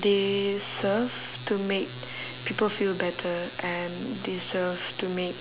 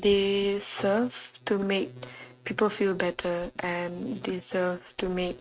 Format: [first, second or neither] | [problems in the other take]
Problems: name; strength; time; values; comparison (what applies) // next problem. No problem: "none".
first | noise reduction (neural mask model RNNoise)